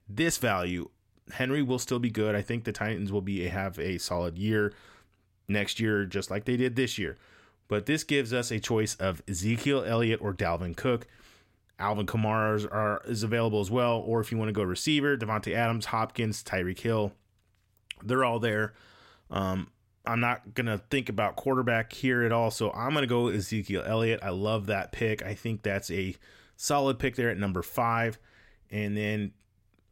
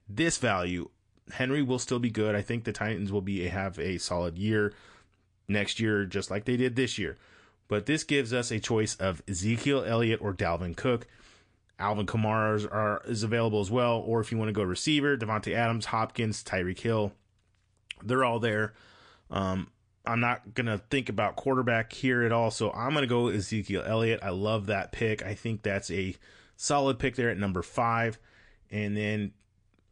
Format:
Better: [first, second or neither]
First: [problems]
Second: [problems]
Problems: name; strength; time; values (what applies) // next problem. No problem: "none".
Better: first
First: none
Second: garbled, watery; slightly; nothing above 9 kHz